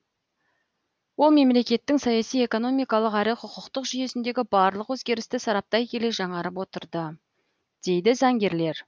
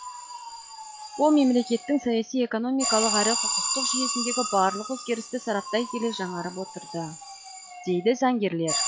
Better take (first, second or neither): first